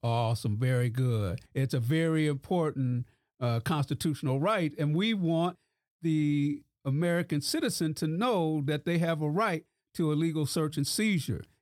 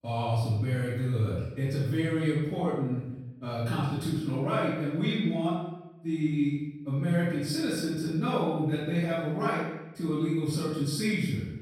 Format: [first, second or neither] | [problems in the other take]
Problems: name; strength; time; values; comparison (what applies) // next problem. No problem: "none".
first | off-mic speech; far // room echo; strong; dies away in 0.9 s